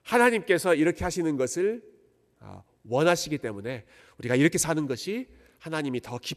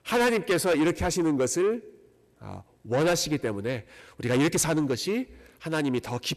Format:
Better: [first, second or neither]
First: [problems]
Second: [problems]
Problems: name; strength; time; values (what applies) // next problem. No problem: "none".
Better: first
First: none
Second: distortion; heavy; 8 dB below the speech